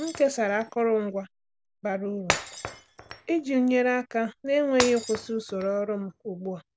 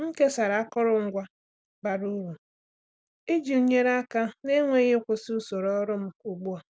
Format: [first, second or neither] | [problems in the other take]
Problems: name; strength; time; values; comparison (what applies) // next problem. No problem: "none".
second | background sound (Shatter); 11 dB below the speech